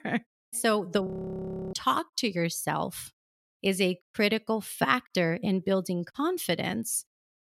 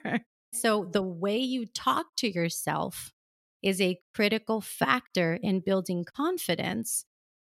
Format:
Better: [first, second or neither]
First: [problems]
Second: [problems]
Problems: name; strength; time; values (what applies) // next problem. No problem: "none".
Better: second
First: audio freezing; at 1 s for 0.5 s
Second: none